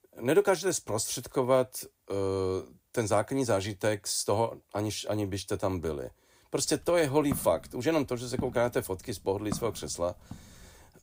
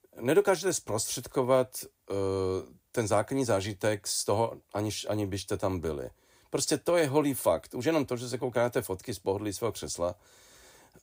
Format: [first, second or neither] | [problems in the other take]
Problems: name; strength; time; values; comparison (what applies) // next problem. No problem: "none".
second | footsteps; noticeable; from 7.5 to 10 s; peak 9 dB below the speech